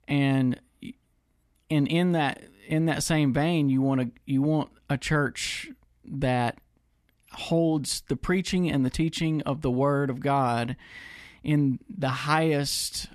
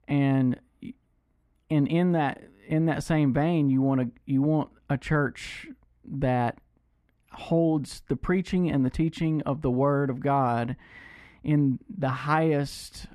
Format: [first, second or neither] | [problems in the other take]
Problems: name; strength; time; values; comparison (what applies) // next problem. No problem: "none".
first | muffled; slightly; fading above 2.5 kHz